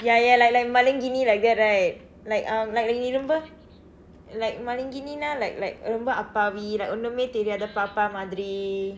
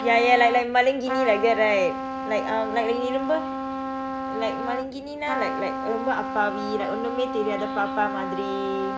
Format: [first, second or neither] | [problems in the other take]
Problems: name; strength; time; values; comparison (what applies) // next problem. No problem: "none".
first | background sound (Trumpet); 5 dB below the speech